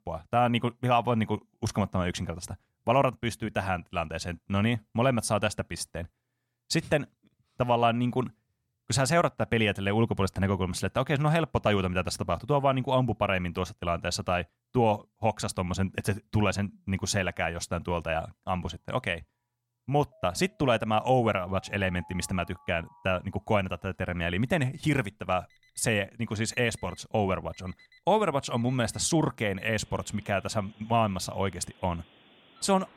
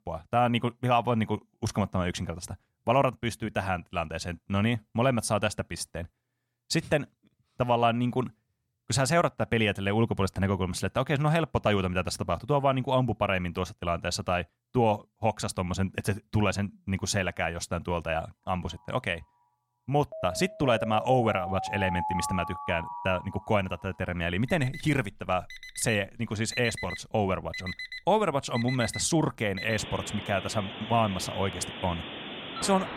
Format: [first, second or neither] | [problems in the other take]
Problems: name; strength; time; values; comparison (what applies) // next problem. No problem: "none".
first | alarms or sirens; loud; from 19 s on; 9 dB below the speech; faint in the first